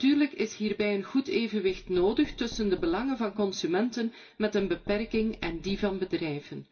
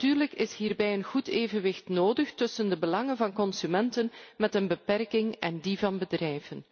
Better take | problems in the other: second | background sound (Knock); 17 dB below the speech // room echo; dies away in 0.2 s

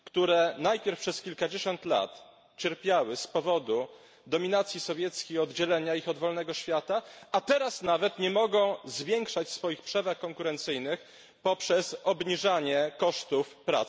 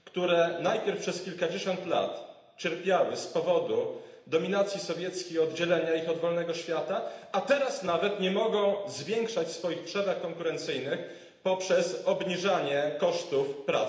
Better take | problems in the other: first | room echo; dies away in 0.8 s

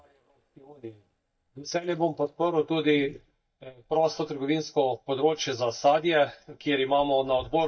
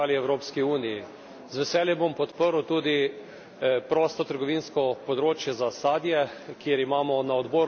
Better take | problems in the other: second | noise reduction (neural mask model DeepFilterNet 3)

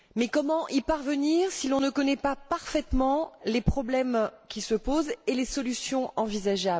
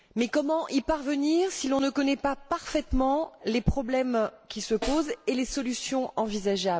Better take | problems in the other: first | background sound (Snare drum); 14 dB below the speech

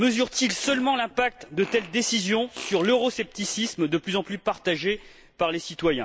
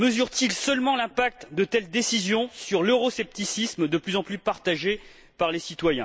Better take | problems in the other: second | background sound (Fart); 19 dB below the speech

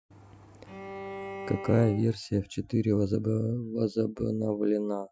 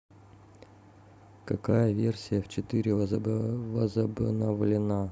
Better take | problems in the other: second | noise reduction (classical method Wiener filter)

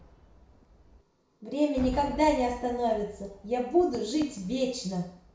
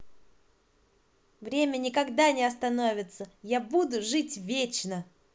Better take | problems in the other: second | background sound (Cheering / Fireworks); 16 dB below the speech // room echo; dies away in 0.6 s

